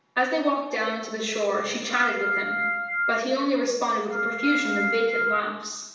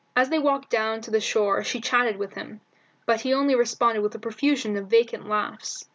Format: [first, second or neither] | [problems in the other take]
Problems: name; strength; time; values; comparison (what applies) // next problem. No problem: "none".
second | background sound (Organ); as loud as the speech // room echo; dies away in 0.9 s